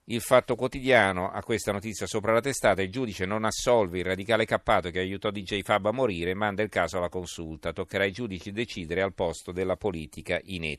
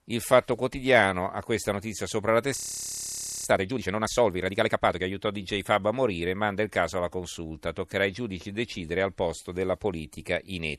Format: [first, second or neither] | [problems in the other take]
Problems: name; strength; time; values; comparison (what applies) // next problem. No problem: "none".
first | audio freezing; at 2.5 s for 1 s